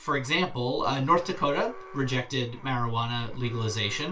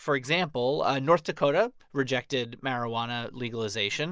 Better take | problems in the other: second | background sound (Alarm); 20 dB below the speech // room echo; dies away in 0.2 s

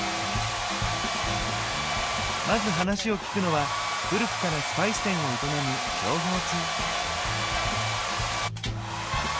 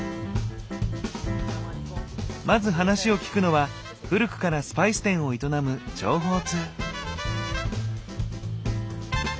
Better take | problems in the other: second | background sound (Domestic sounds, home sounds); 1 dB above the speech

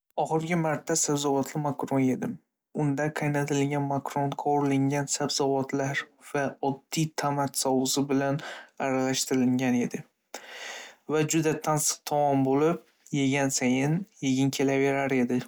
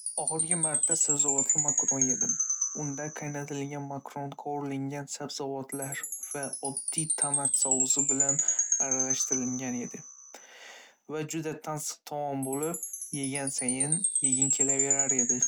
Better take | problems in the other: first | background sound (Chime); 5 dB above the speech

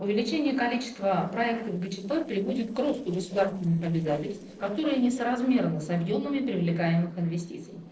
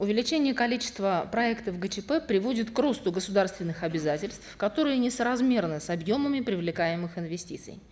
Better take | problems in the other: second | noise reduction (neural separator model SepFormer DNS4)

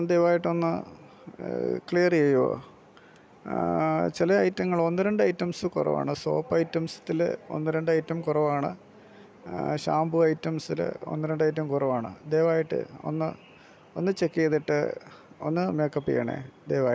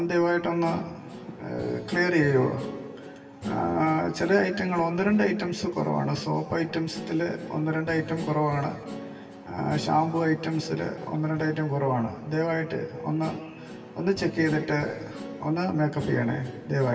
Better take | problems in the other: first | background sound (Guitar); 15 dB below the speech // room echo; dies away in 1.9 s

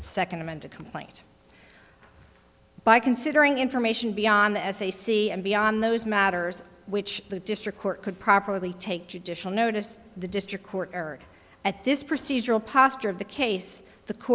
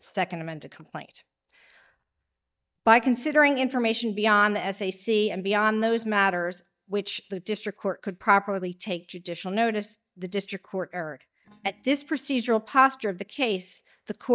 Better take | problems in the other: first | noise reduction (neural mask model DeepFilterNet 3)

